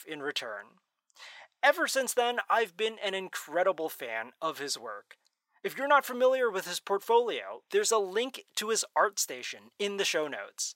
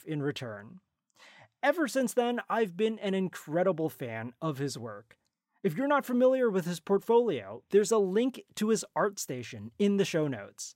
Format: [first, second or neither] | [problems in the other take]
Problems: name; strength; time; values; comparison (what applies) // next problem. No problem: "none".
second | thin; very; fading below 700 Hz